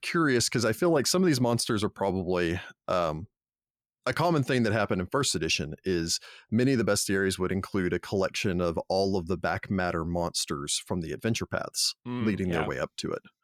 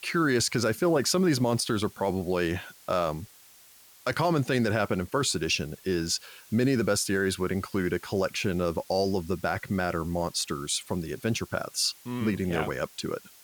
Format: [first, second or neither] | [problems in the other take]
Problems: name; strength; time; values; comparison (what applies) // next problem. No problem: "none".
first | hiss; faint; throughout; 25 dB below the speech